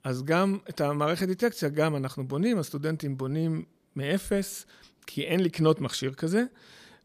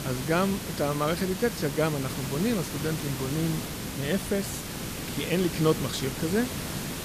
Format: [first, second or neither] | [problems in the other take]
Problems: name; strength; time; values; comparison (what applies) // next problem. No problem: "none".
first | hiss; loud; throughout; 5 dB below the speech